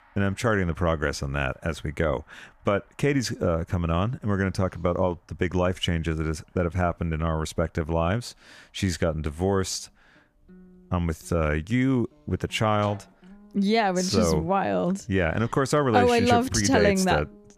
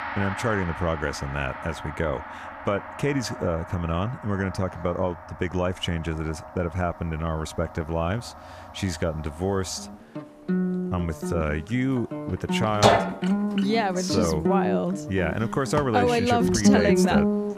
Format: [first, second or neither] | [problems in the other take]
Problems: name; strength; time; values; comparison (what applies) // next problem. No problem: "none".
first | background music; loud; throughout; 1 dB below the speech; faint in the first